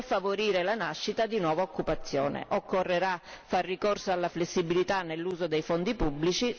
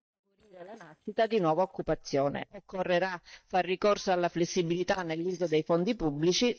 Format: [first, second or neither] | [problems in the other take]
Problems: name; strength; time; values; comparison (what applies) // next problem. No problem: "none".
first | noise reduction (neural mask model DeepFilterNet 3)